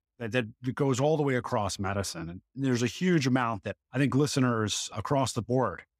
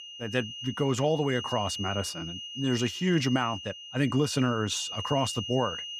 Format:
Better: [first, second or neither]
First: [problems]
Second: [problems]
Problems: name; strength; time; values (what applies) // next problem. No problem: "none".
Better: first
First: none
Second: high-pitched whine; loud; throughout; 3 kHz, 8 dB below the speech